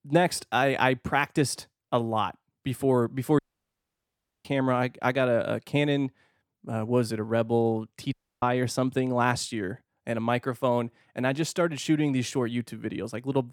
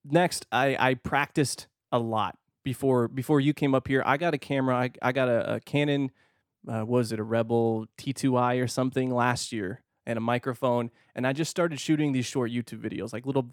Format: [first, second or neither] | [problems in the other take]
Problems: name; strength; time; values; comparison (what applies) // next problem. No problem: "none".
second | audio cutting out; at 3.5 s for 1 s and at 8 s